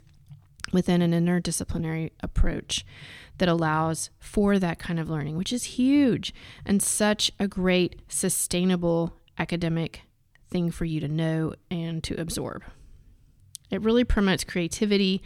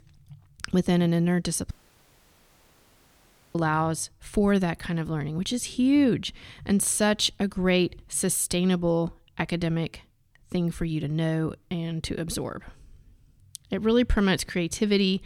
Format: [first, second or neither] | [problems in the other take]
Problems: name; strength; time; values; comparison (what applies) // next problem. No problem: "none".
first | audio cutting out; at 1.5 s for 2 s